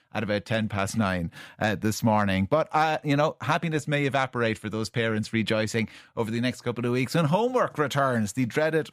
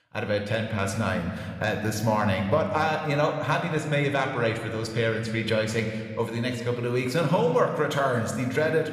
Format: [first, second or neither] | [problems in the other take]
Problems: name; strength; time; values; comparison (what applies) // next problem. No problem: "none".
first | room echo; slight; dies away in 1.5 s